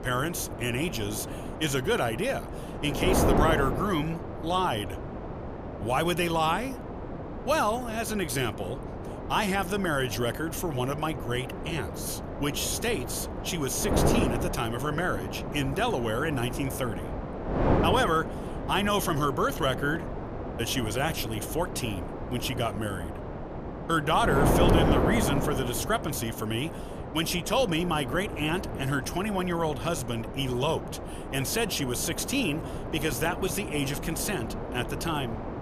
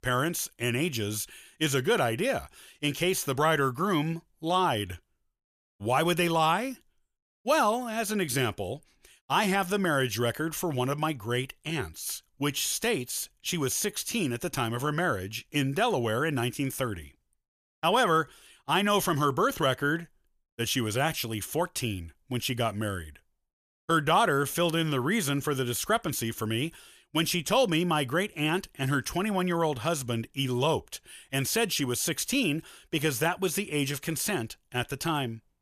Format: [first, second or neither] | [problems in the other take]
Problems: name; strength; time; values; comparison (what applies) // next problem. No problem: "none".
second | wind noise on the microphone; heavy; 6 dB below the speech